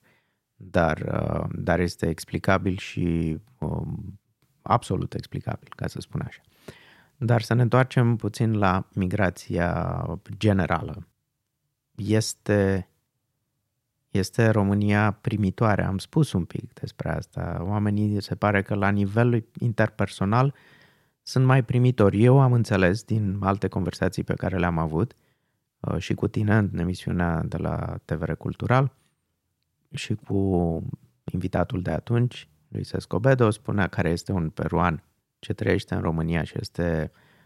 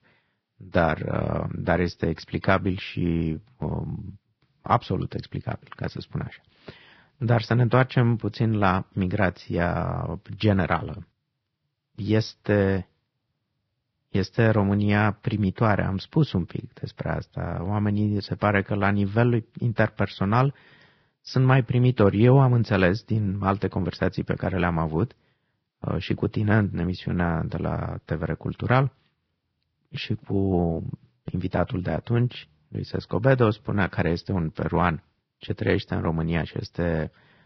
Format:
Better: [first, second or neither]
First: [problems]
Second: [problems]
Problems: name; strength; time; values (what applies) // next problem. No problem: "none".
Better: first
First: none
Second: garbled, watery; badly; nothing above 5.5 kHz